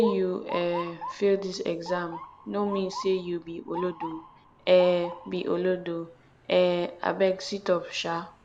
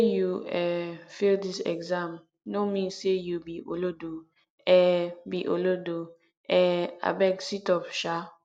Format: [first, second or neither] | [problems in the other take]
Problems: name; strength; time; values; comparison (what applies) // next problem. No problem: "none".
second | background sound (Motor vehicle (road) / Siren); 15 dB below the speech